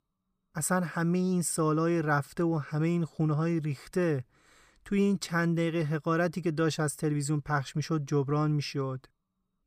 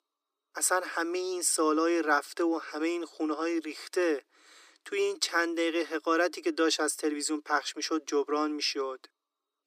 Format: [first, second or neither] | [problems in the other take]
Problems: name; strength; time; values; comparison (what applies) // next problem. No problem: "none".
first | thin; very; fading below 300 Hz